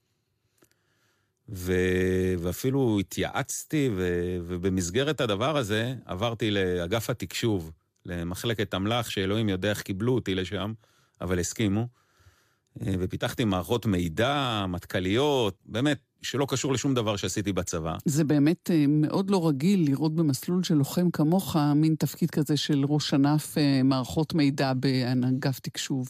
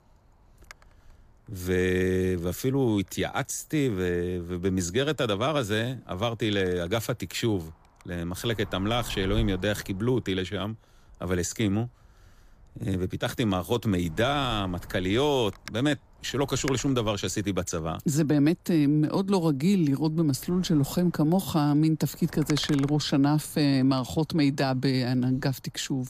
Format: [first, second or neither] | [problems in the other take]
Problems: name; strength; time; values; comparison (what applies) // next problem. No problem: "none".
first | wind noise on the microphone; occasional gusts; 15 dB below the speech